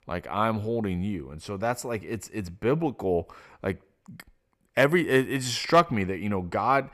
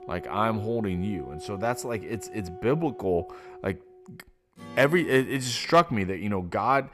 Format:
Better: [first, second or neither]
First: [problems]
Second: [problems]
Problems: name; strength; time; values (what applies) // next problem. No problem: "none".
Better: first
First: none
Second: background music; noticeable; throughout; 15 dB below the speech